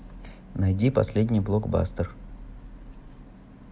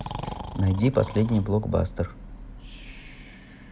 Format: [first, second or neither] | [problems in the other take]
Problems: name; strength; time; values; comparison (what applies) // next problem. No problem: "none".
first | background sound (Breathing); 14 dB below the speech